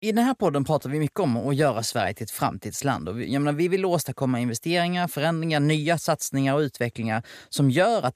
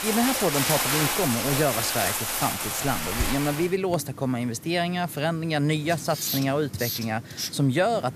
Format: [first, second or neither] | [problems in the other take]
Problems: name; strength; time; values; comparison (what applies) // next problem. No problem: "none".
first | household noises; loud; throughout; as loud as the speech